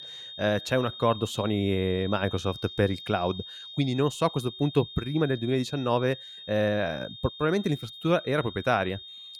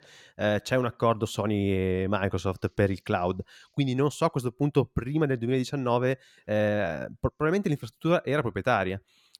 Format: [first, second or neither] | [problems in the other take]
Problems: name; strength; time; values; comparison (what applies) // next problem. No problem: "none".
second | high-pitched whine; noticeable; throughout; 3.5 kHz, 15 dB below the speech